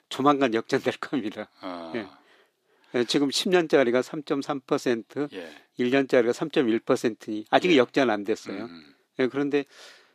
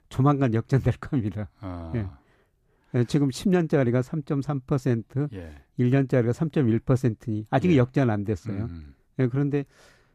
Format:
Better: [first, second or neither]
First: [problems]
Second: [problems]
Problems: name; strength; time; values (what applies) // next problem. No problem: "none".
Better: second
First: thin; somewhat; fading below 300 Hz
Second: none